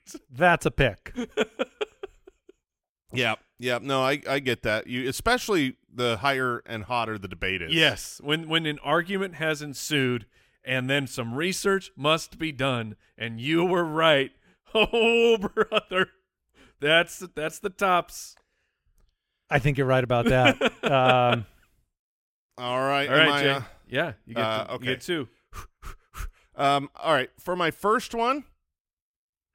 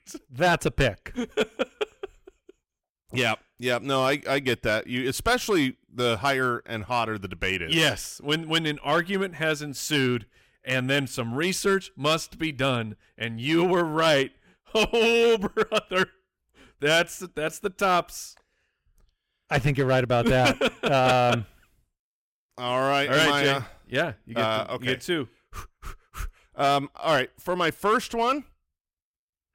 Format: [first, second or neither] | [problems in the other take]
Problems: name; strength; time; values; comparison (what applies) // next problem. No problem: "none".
first | distortion; slight; 4% of the sound clipped